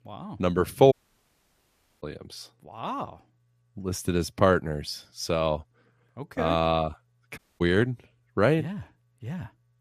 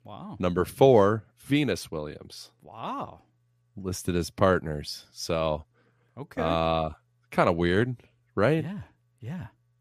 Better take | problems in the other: second | audio cutting out; at 1 s for 1 s and at 7.5 s

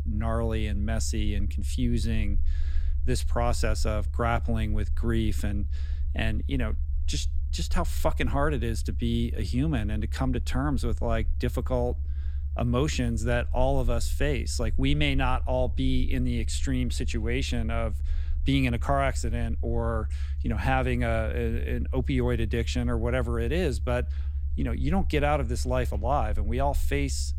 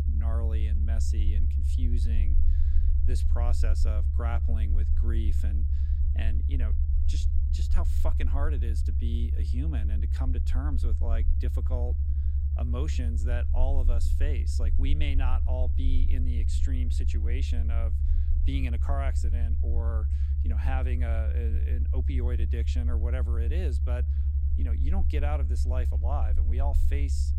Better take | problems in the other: first | low rumble; loud; throughout; 5 dB below the speech; faint in the first

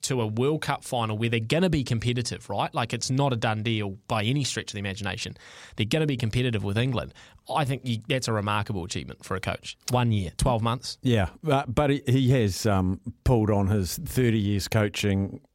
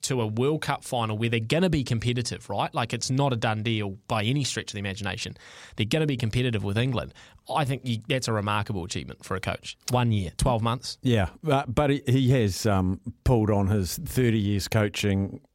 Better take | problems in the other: neither | none

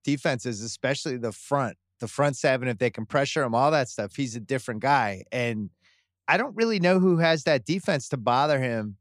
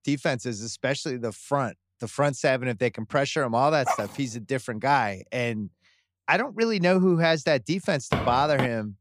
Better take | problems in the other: first | dog barking; noticeable; at 4 s; peak 4 dB below the speech // footsteps; noticeable; at 8 s; peak 5 dB below the speech

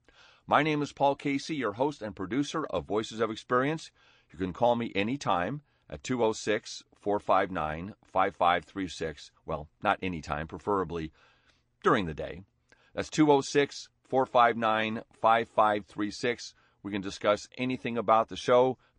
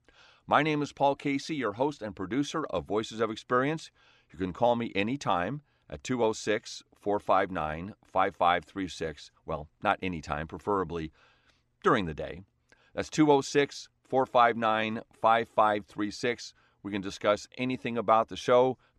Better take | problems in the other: second | garbled, watery; slightly

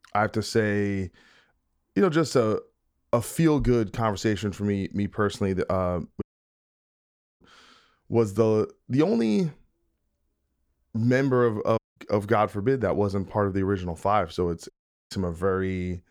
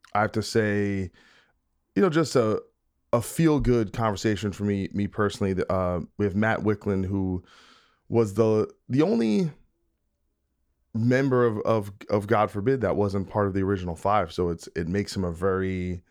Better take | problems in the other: second | audio cutting out; at 6 s for 1 s, at 12 s and at 15 s

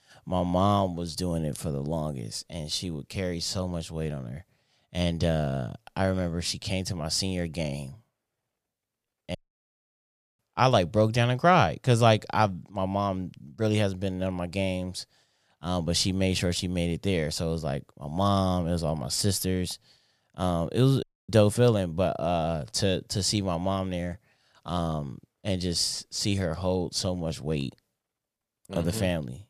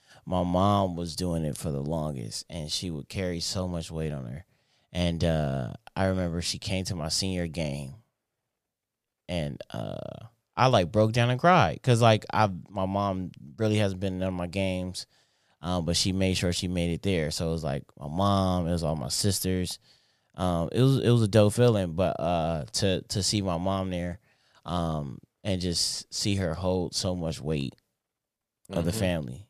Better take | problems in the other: second | audio cutting out; at 9.5 s for 1 s and at 21 s

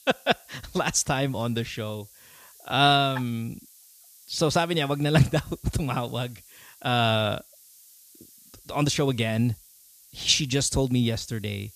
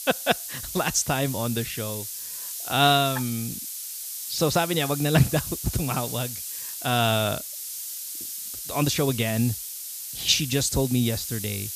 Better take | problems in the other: first | hiss; loud; throughout; 7 dB below the speech; faint in the first

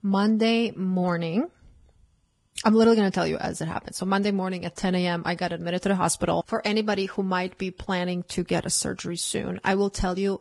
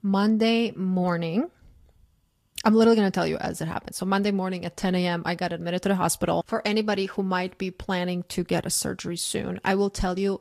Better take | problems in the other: second | garbled, watery; badly; nothing above 10.5 kHz; slightly in the second

